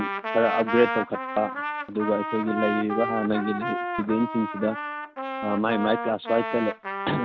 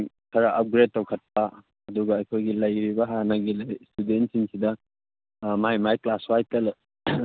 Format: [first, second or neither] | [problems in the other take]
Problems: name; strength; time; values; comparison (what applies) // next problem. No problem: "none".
second | background sound (Trumpet); 5 dB below the speech